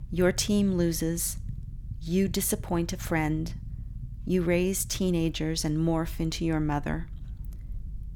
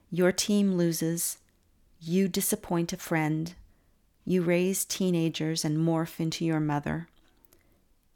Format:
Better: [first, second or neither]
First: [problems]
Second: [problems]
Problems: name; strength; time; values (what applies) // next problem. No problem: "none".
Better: second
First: low rumble; faint; throughout; 25 dB below the speech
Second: none